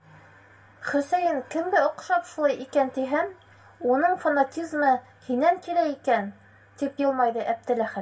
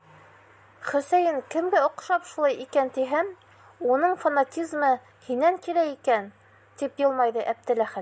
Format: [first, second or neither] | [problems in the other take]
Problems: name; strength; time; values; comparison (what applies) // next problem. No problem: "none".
second | room echo; dies away in 0.2 s